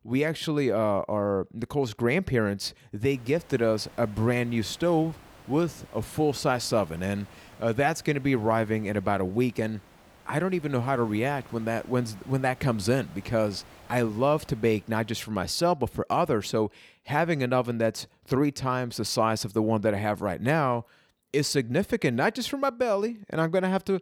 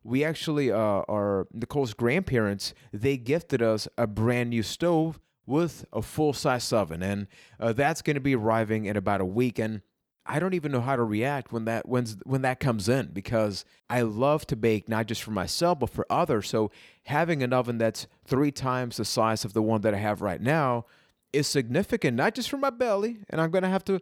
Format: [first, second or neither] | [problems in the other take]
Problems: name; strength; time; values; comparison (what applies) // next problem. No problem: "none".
second | hiss; faint; from 3 to 15 s; 25 dB below the speech